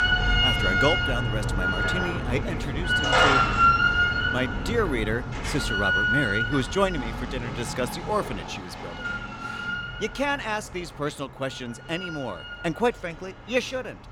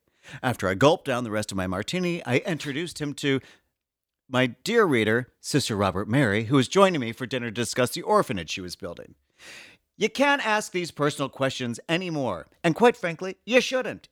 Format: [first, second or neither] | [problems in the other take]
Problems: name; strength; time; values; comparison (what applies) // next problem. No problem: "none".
second | machinery noise; very loud; throughout; 5 dB above the speech